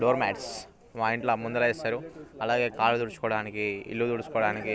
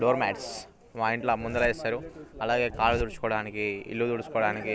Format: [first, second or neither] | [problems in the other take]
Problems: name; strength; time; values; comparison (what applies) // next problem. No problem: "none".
first | background sound (Zipper (clothing)); 13 dB below the speech